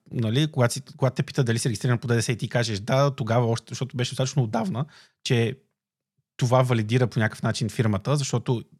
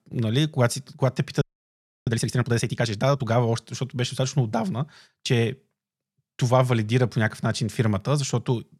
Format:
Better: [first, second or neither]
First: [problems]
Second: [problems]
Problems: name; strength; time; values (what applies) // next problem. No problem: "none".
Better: first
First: none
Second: audio freezing; at 1.5 s for 0.5 s